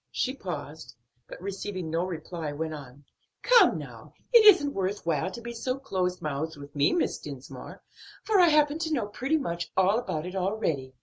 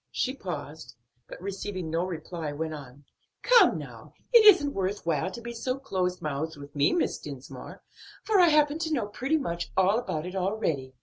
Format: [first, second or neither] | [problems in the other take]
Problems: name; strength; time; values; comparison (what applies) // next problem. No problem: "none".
first | background sound (Bass drum); 18 dB below the speech